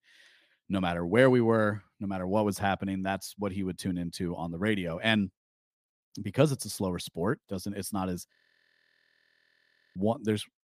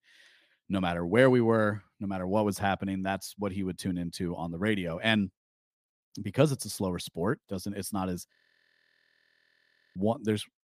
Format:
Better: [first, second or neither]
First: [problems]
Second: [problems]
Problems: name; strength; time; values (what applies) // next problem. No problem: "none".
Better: neither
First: audio freezing; at 8.5 s for 1.5 s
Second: audio freezing; at 8.5 s for 1.5 s